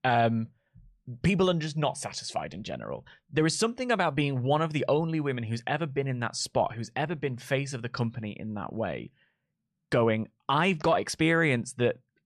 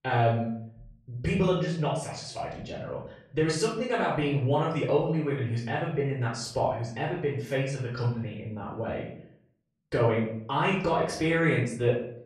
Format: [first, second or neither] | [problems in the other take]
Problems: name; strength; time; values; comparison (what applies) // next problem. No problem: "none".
first | off-mic speech; far // room echo; noticeable; dies away in 0.5 s